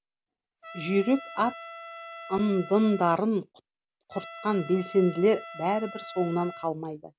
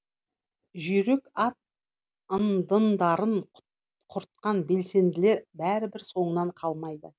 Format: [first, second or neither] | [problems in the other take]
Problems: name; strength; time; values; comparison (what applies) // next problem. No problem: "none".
second | background sound (Trumpet); 16 dB below the speech